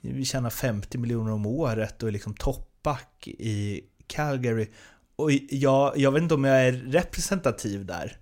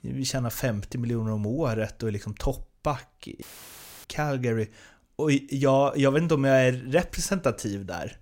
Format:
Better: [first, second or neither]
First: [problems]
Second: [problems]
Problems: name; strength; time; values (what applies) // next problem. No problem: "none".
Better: first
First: none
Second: audio cutting out; filled with static; at 3.5 s for 0.5 s